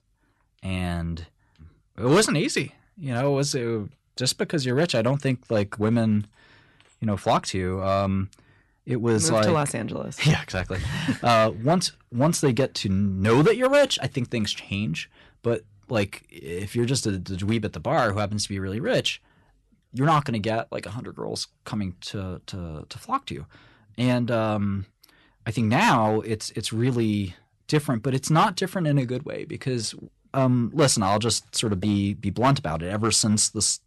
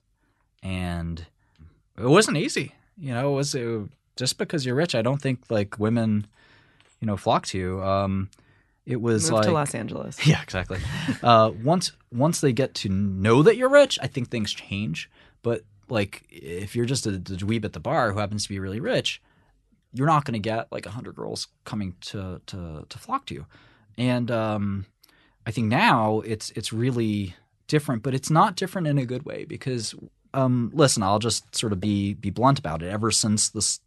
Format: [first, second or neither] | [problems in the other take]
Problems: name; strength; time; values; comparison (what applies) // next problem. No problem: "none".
second | distortion; slight; 2% of the sound clipped